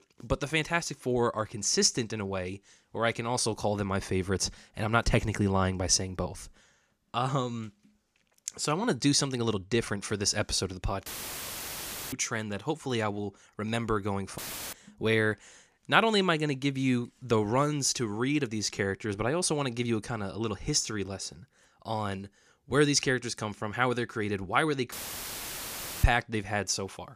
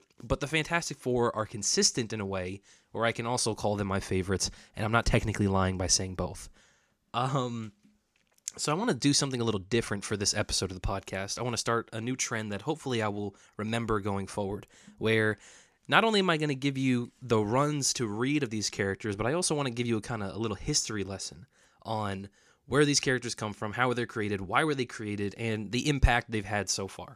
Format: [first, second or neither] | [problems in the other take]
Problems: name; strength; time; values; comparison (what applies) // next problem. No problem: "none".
second | audio cutting out; filled with static; at 11 s for 1 s, at 14 s and at 25 s for 1 s